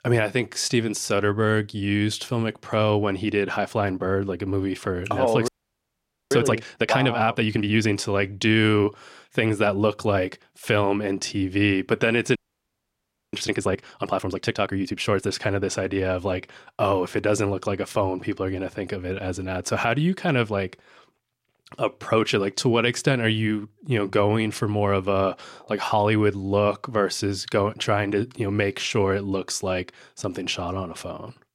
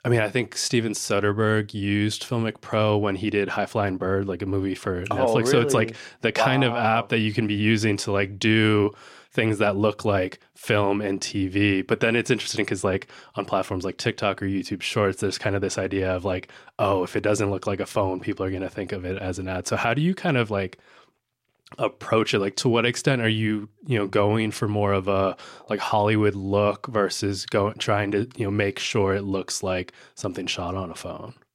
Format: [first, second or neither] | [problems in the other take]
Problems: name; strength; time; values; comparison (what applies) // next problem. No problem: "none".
second | audio freezing; at 5.5 s for 1 s and at 12 s for 1 s